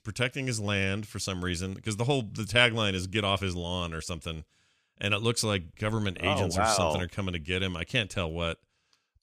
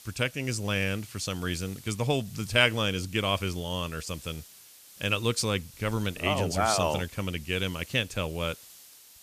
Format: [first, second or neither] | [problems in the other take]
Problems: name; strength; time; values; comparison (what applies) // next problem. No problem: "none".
first | hiss; noticeable; throughout; 20 dB below the speech